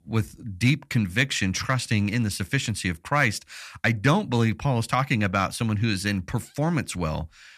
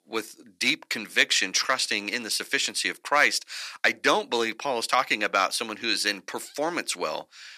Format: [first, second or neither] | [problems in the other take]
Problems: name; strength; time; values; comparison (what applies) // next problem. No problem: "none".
first | thin; very; fading below 350 Hz